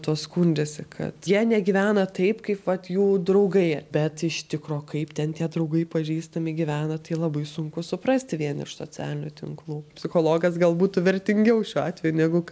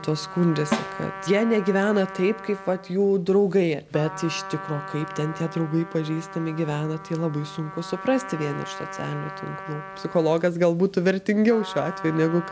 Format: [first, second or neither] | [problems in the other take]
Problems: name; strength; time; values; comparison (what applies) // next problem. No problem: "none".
first | background sound (Trumpet + Snare drum); 12 dB below the speech